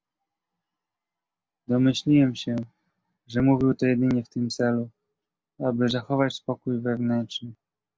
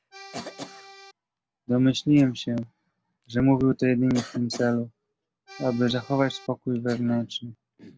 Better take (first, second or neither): first